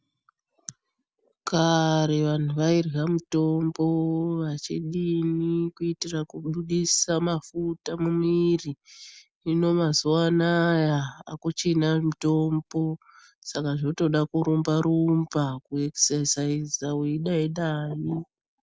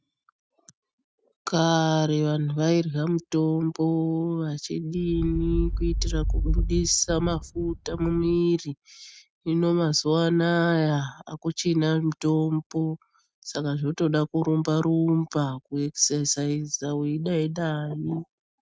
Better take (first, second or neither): first